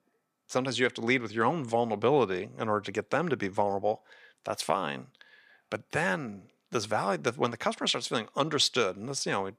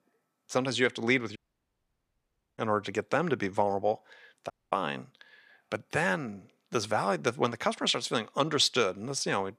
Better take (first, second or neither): first